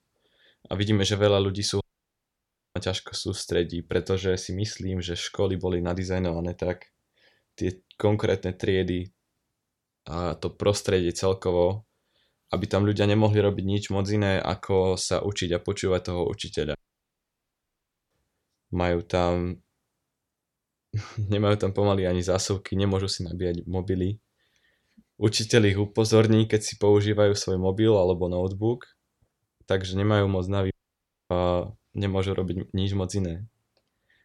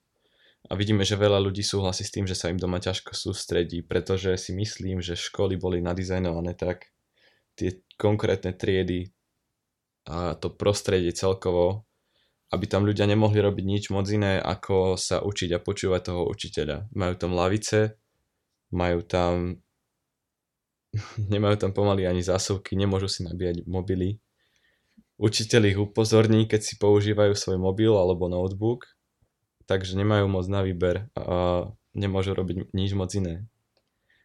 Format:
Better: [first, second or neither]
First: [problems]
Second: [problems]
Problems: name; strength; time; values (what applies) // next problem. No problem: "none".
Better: second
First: audio cutting out; at 2 s for 1 s, at 17 s for 1.5 s and at 31 s for 0.5 s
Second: none